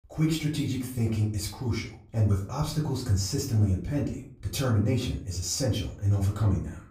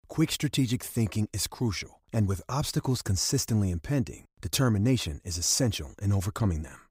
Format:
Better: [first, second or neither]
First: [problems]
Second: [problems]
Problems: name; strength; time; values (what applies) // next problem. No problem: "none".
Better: second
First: room echo; slight; dies away in 0.4 s // off-mic speech; far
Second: none